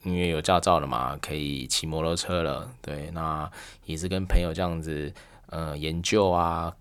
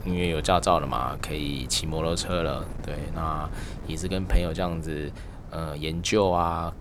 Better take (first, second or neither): first